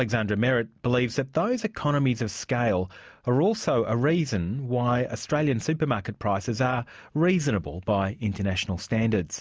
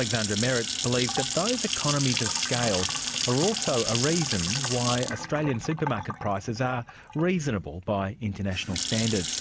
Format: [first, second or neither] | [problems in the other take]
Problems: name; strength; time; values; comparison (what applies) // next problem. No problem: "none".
first | background sound (Sink (filling or washing) / Water tap, faucet / Splash, splatter); 3 dB below the speech